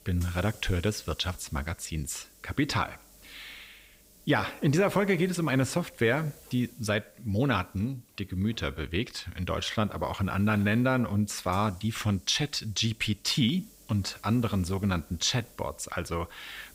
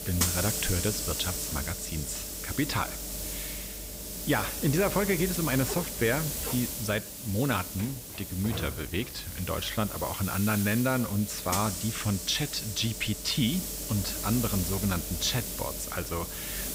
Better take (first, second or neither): first